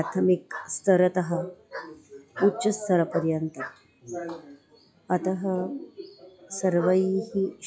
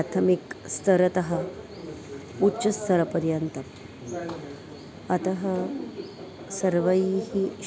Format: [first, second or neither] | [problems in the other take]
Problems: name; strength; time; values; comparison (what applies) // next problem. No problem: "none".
second | noise reduction (classical method log-MMSE)